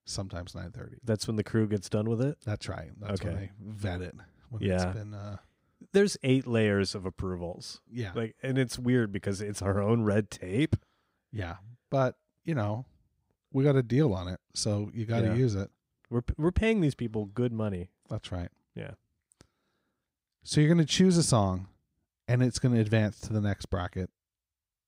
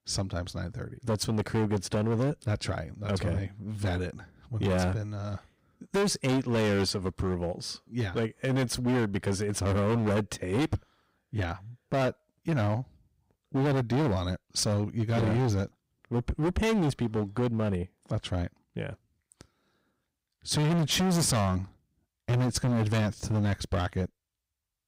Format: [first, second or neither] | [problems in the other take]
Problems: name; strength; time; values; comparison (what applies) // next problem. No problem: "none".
first | distortion; heavy; 15% of the sound clipped